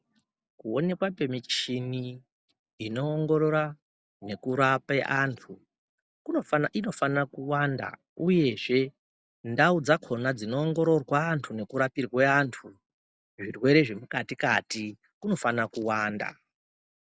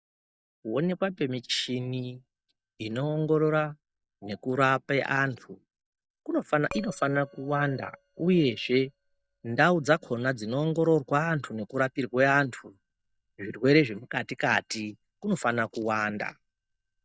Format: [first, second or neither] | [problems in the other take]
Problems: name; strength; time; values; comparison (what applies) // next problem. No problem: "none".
first | noise reduction (neural mask model DeepFilterNet 3)